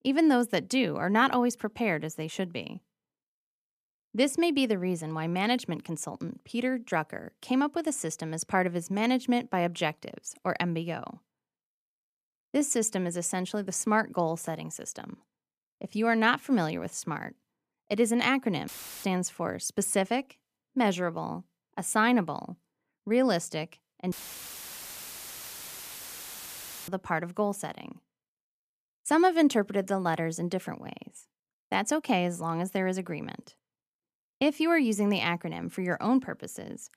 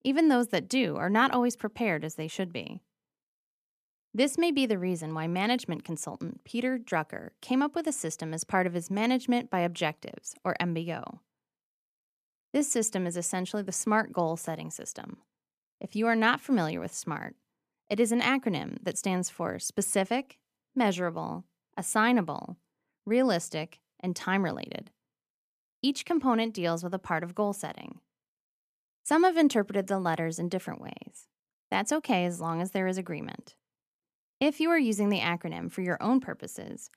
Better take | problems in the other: second | audio cutting out; filled with static; at 19 s and at 24 s for 3 s

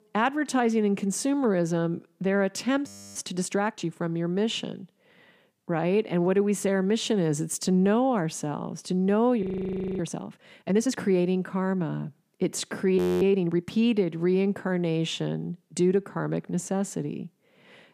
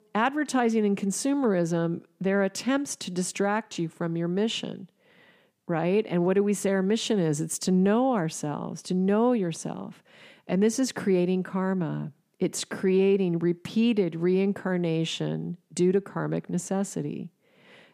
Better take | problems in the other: second | audio freezing; at 3 s, at 9.5 s for 0.5 s and at 13 s

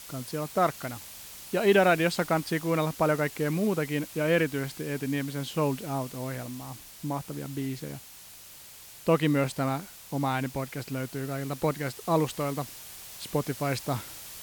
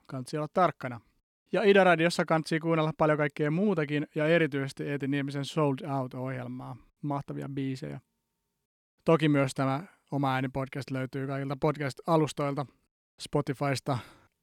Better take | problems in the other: second | hiss; noticeable; throughout; 15 dB below the speech

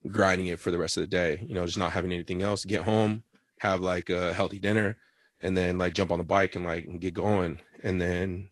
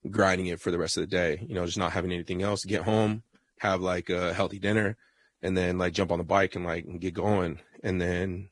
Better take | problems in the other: first | garbled, watery; badly; nothing above 10 kHz; slightly in the first

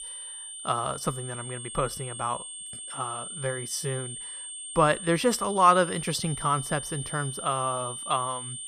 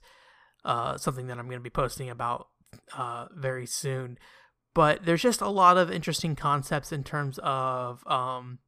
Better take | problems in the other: second | high-pitched whine; loud; throughout; 9 kHz, 8 dB below the speech

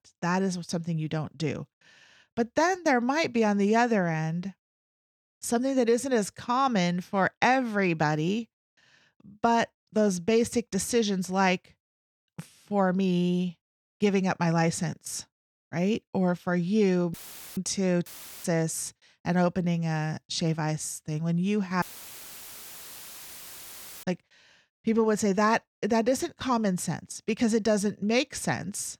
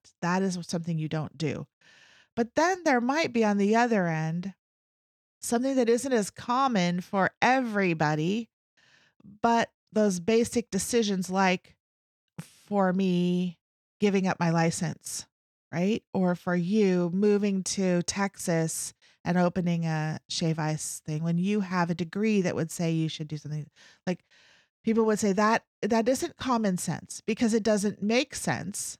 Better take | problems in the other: second | audio cutting out; filled with static; at 17 s, at 18 s and at 22 s for 2 s

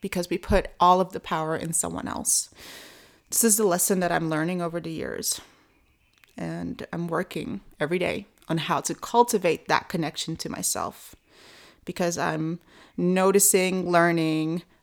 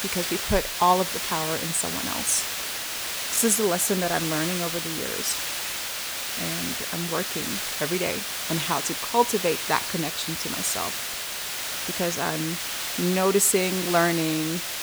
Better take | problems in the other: first | hiss; loud; throughout; 2 dB below the speech

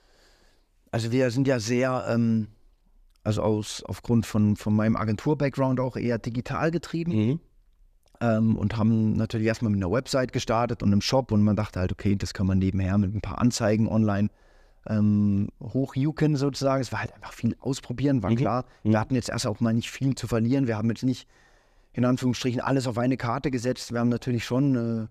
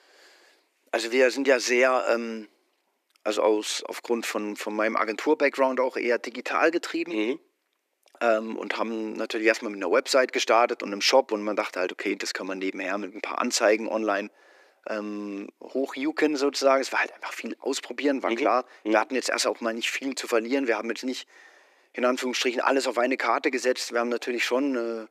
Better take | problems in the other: first | thin; very; fading below 300 Hz

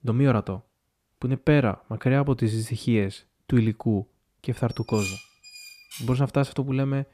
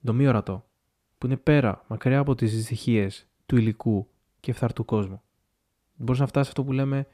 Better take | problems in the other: second | clattering dishes; noticeable; from 4.5 to 6 s; peak 8 dB below the speech

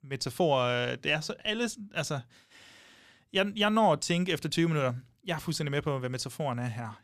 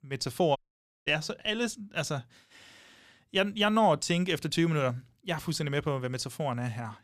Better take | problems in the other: first | audio cutting out; at 0.5 s for 0.5 s

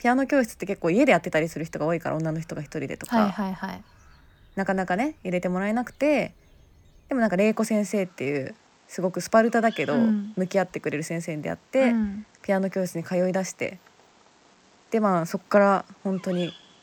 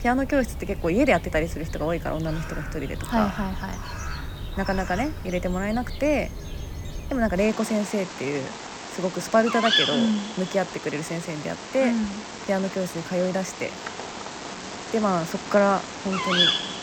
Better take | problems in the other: first | animal sounds; loud; throughout; 5 dB below the speech; faint in the first

